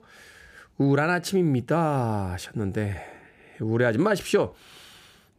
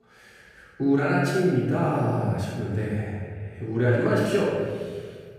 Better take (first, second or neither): first